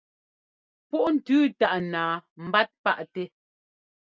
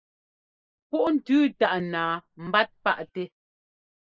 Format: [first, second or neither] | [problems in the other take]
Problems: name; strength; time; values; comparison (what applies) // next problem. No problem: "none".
first | noise reduction (neural mask model Resemble Enhance denoiser)